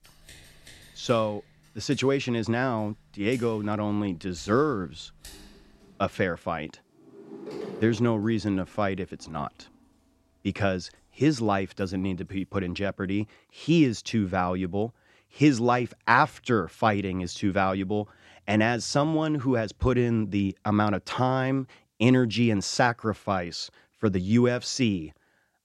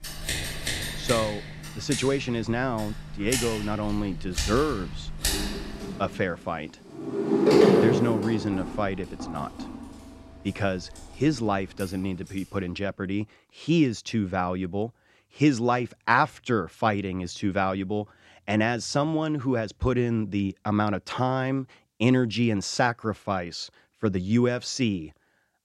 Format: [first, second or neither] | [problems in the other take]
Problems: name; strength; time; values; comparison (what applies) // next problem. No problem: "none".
first | household noises; loud; until 12 s; 1 dB below the speech; faint in the first